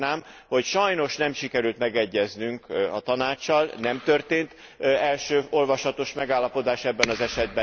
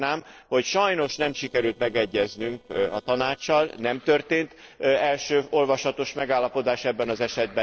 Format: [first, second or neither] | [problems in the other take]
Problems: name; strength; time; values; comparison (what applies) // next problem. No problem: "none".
first | noise reduction (neural separator model SepFormer DNS4)